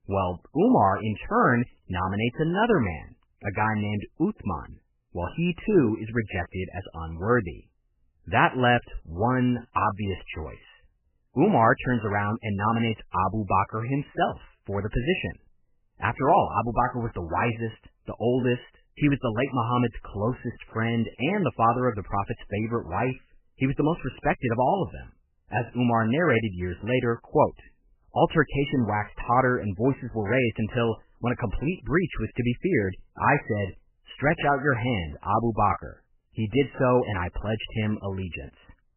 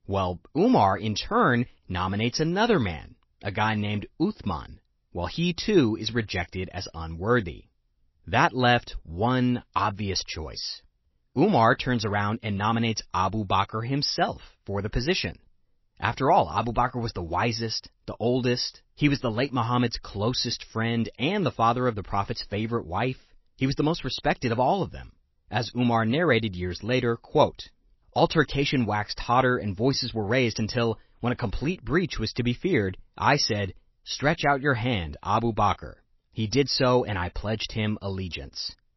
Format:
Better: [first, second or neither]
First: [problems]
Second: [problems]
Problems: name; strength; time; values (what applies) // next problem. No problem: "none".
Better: second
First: garbled, watery; badly; nothing above 3 kHz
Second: garbled, watery; slightly; nothing above 5.5 kHz